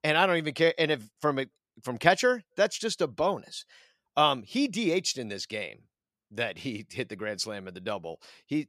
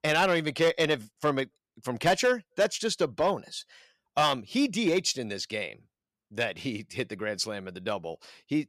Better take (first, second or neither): first